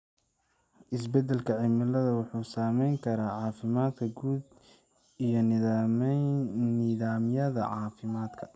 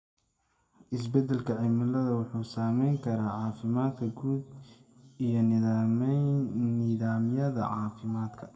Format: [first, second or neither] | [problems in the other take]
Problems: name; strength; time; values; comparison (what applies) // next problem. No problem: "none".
first | room echo; dies away in 1.4 s